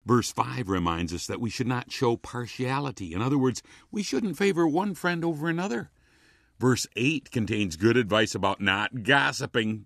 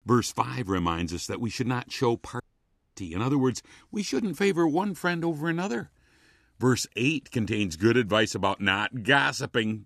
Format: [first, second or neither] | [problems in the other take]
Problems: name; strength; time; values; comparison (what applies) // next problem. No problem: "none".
first | audio cutting out; at 2.5 s for 0.5 s